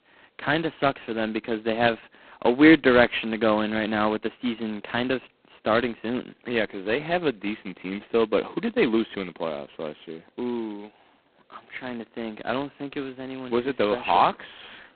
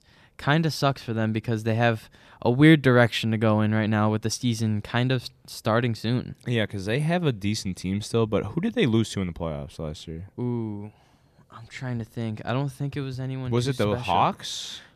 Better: second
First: phone-call audio; poor line; nothing above 4 kHz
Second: none

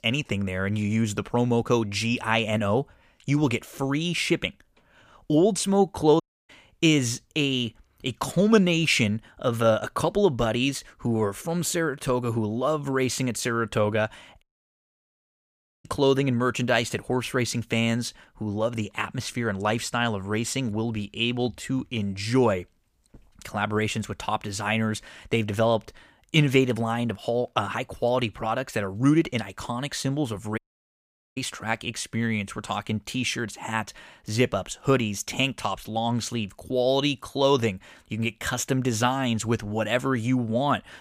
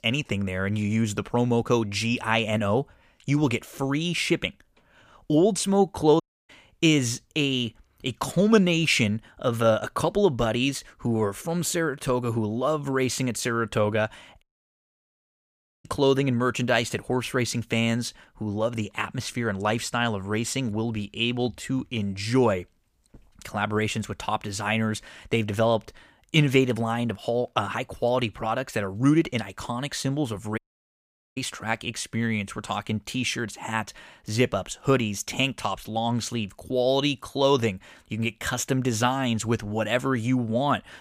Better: neither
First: audio cutting out; at 6 s, at 14 s for 1.5 s and at 31 s for 1 s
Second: audio cutting out; at 6 s, at 14 s for 1.5 s and at 31 s for 1 s

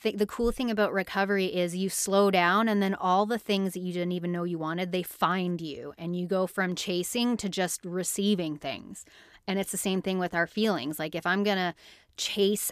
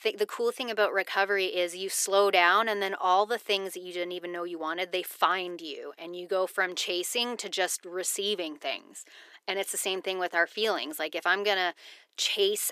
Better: first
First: none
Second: thin; very; fading below 350 Hz

